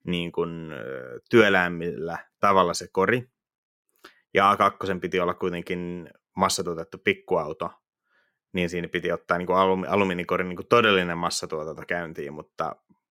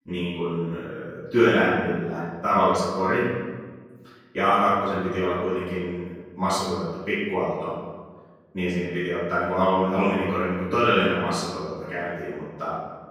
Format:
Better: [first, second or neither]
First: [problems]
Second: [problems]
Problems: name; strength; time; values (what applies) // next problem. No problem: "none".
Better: first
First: none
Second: off-mic speech; far // room echo; strong; dies away in 1.5 s